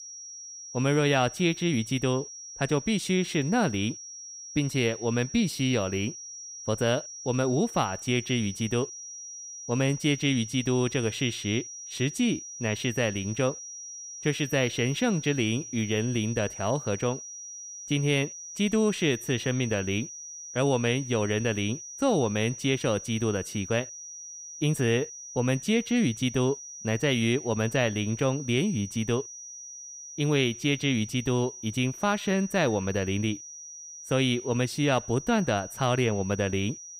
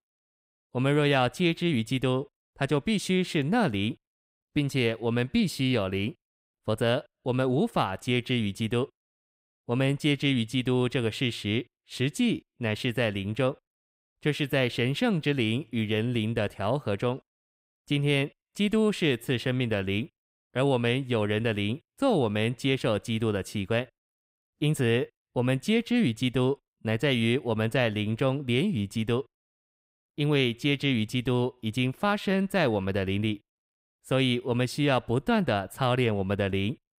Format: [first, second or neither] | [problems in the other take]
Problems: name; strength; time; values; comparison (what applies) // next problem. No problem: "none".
second | high-pitched whine; noticeable; throughout; 6 kHz, 10 dB below the speech